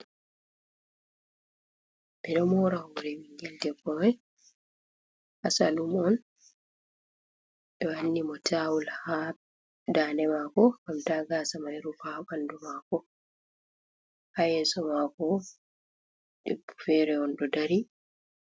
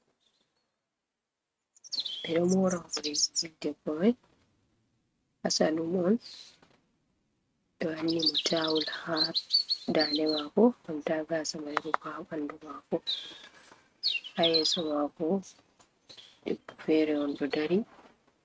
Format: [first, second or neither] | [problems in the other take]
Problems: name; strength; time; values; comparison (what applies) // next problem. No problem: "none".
first | noise reduction (neural mask model RNNoise)